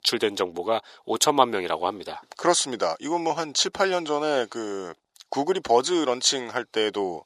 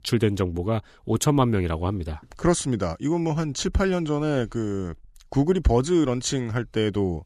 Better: second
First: thin; very; fading below 550 Hz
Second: none

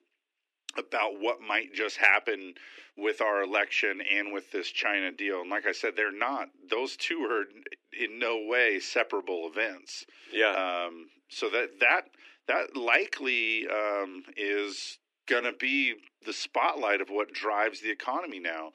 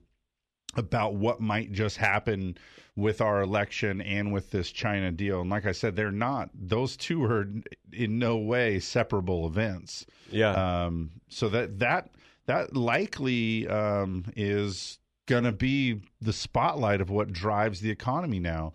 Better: second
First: thin; somewhat; fading below 300 Hz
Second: none

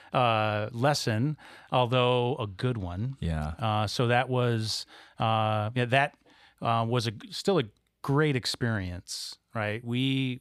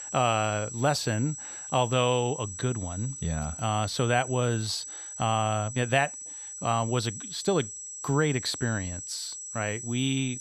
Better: first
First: none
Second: high-pitched whine; loud; throughout; 8 kHz, 8 dB below the speech

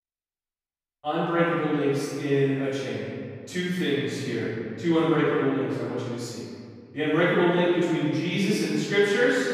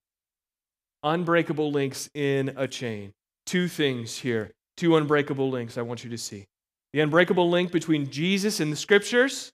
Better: second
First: room echo; strong; dies away in 2 s // off-mic speech; far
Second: none

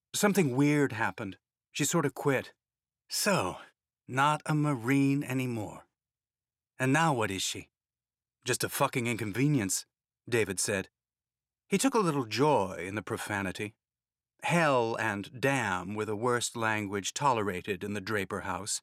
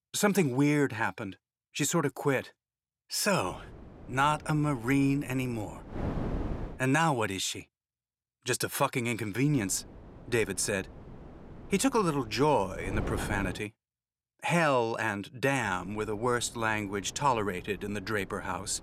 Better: first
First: none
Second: wind noise on the microphone; occasional gusts; from 3.5 to 7 s, from 9.5 to 14 s and from 16 s on; 20 dB below the speech

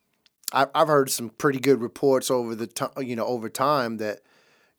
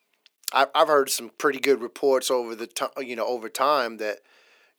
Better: first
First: none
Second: thin; somewhat; fading below 400 Hz

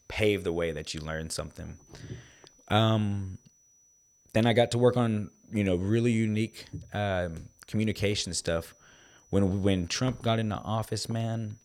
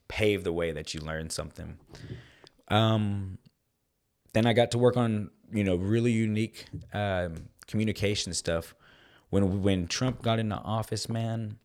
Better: second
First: high-pitched whine; faint; throughout; 6 kHz, 30 dB below the speech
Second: none

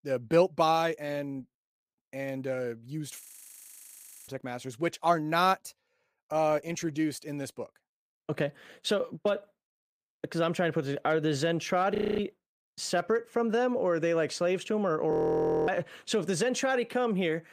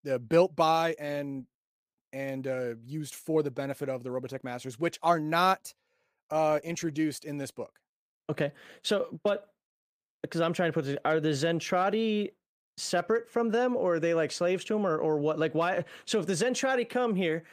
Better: second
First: audio freezing; at 3 s for 1 s, at 12 s and at 15 s for 0.5 s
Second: none

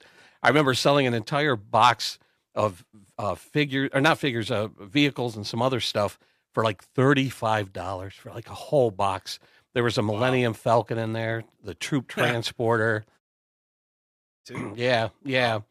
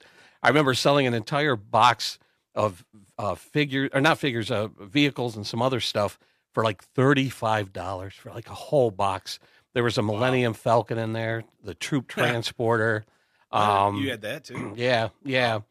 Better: second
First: audio cutting out; at 13 s for 1 s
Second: none

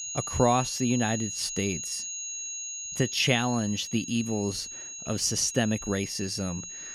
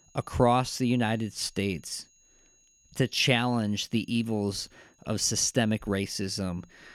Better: second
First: high-pitched whine; loud; throughout; 6.5 kHz, 6 dB below the speech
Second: high-pitched whine; faint; throughout; 6.5 kHz, 35 dB below the speech

